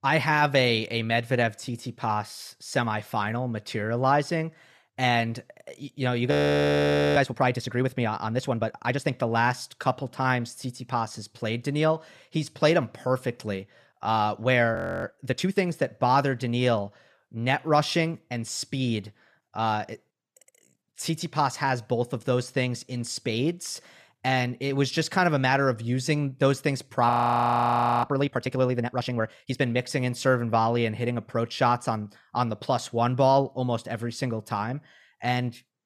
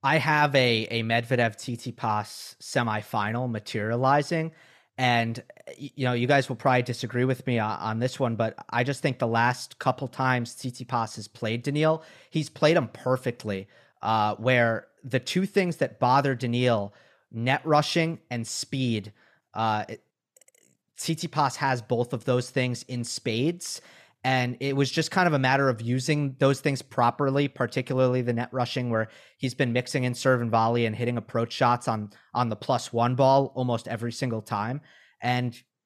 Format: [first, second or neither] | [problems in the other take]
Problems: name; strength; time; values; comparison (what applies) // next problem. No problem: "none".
second | audio freezing; at 6.5 s for 1 s, at 15 s and at 27 s for 1 s